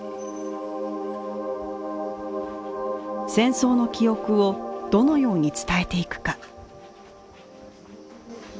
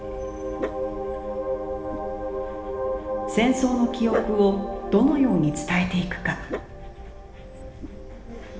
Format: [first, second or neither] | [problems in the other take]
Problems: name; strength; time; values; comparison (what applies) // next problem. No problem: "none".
first | background sound (Dog); 11 dB below the speech // room echo; dies away in 1.1 s